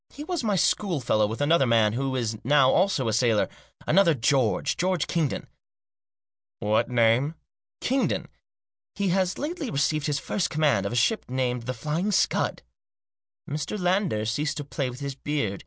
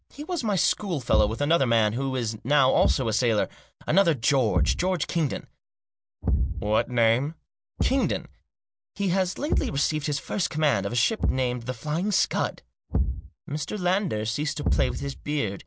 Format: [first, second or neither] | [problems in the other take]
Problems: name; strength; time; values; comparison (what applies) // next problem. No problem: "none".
first | background sound (Thump, thud); 5 dB below the speech